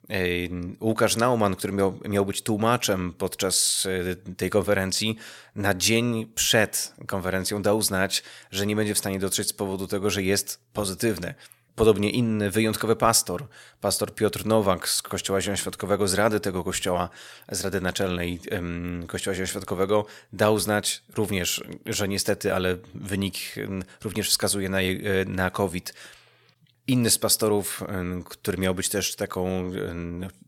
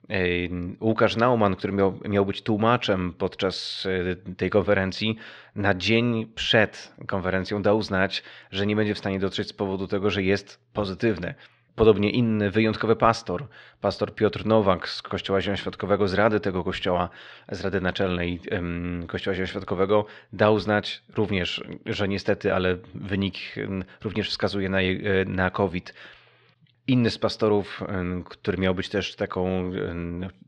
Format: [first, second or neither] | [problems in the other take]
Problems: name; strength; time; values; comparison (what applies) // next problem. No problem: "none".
first | muffled; slightly; fading above 4 kHz